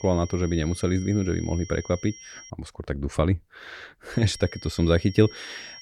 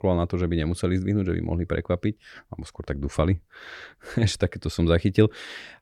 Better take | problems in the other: second | high-pitched whine; noticeable; until 2.5 s and from 4 s on; 5.5 kHz, 15 dB below the speech

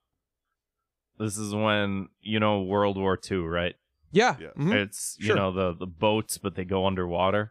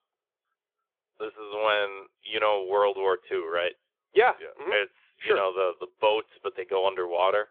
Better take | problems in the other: first | phone-call audio; nothing above 3.5 kHz

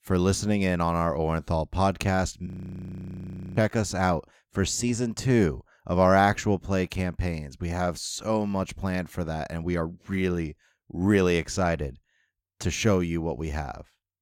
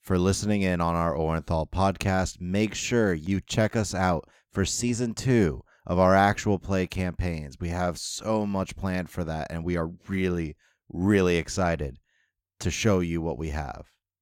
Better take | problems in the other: second | audio freezing; at 2.5 s for 1 s

